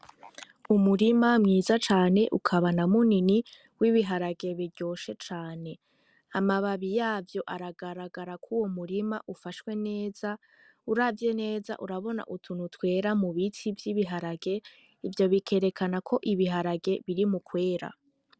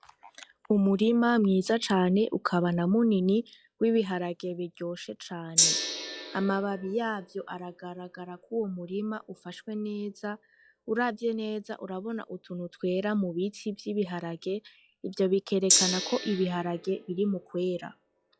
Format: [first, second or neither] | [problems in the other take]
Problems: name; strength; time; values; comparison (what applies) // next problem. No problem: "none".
first | noise reduction (classical method log-MMSE)